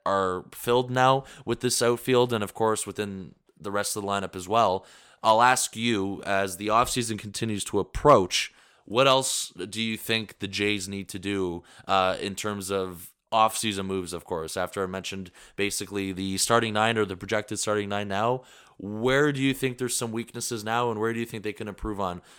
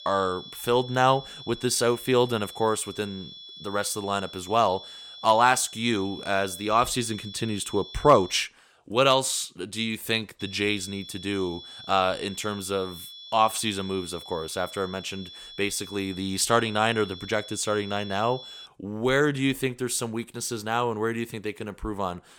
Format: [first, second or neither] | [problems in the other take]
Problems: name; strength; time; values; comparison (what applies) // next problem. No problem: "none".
first | high-pitched whine; noticeable; until 8.5 s and from 10 to 19 s; 3.5 kHz, 15 dB below the speech